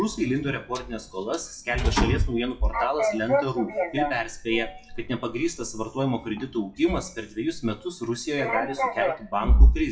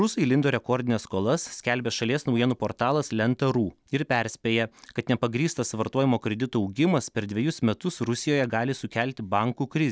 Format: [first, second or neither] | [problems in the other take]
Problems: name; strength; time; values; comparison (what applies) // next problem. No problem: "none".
second | noise reduction (classical method WPE with log-MMSE)